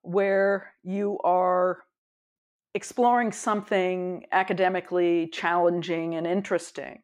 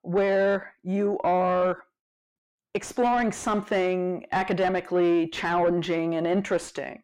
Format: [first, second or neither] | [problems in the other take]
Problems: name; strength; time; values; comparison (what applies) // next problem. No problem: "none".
first | distortion; slight; 10 dB below the speech